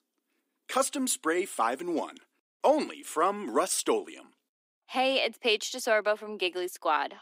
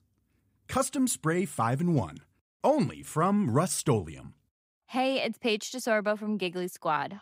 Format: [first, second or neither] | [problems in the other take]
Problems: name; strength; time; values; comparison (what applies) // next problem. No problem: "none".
second | thin; somewhat; fading below 300 Hz